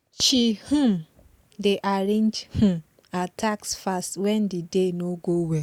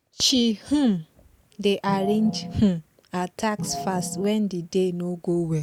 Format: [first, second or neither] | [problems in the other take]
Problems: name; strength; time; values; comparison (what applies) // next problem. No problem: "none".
first | background sound (Organ); 8 dB below the speech